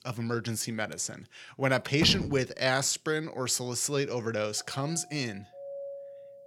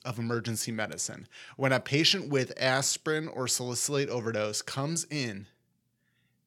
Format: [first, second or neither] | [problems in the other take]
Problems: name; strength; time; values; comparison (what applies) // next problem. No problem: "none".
second | door banging; noticeable; at 2 s; peak 2 dB below the speech // doorbell; faint; from 4.5 s on; peak 10 dB below the speech